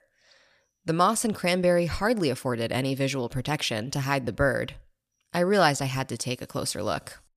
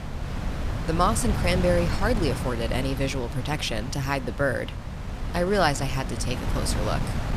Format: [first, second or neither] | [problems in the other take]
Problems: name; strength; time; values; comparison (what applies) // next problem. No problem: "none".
first | wind noise on the microphone; heavy; 9 dB below the speech